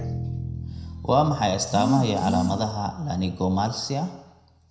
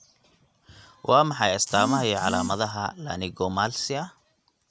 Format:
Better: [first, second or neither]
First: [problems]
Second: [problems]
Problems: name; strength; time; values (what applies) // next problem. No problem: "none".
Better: second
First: background sound (Bowed string instrument); 12 dB below the speech // room echo; dies away in 0.8 s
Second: none